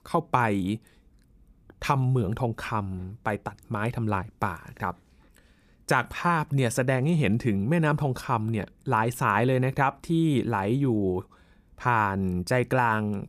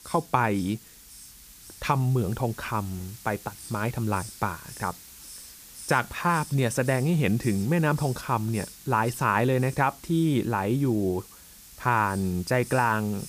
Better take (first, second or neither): first